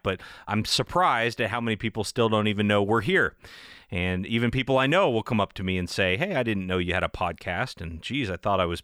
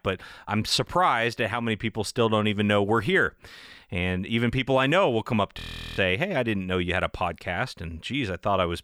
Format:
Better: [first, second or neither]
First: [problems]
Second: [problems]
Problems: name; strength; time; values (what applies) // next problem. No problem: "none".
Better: first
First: none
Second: audio freezing; at 5.5 s